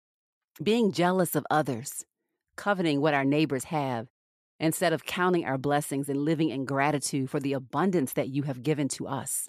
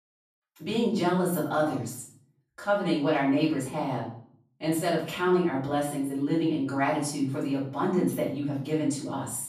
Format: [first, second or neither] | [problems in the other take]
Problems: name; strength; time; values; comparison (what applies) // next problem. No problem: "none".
first | room echo; noticeable; dies away in 0.5 s // off-mic speech; far